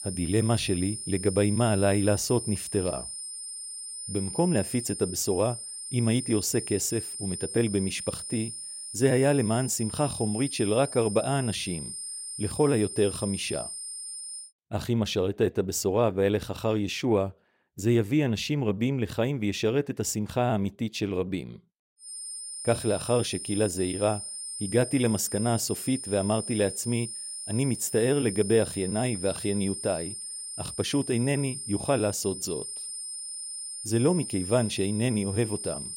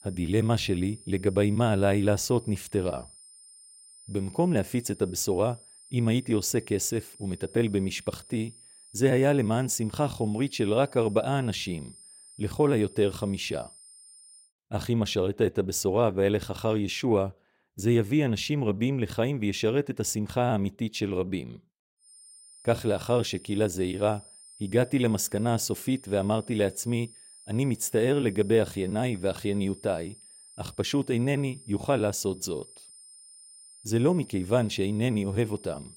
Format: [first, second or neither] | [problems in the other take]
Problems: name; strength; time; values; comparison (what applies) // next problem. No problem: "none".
second | high-pitched whine; loud; until 14 s and from 22 s on; 9 kHz, 7 dB below the speech; faint in the second